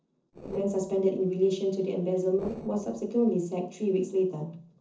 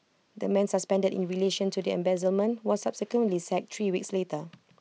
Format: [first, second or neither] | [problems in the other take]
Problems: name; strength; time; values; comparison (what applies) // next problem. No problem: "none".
second | noise reduction (neural separator model SepFormer DNS4)